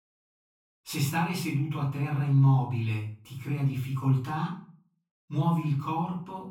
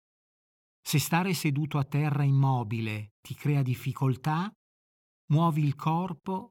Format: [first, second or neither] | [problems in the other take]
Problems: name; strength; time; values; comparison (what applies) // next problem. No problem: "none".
second | off-mic speech; far // room echo; slight; dies away in 0.4 s